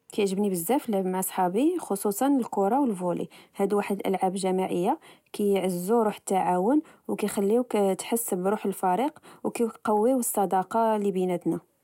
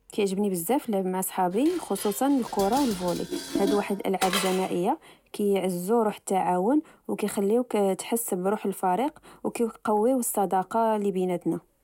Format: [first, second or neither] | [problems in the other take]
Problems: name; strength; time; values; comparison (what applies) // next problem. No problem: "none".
first | background sound (Dishes, pots, and pans); 14 dB below the speech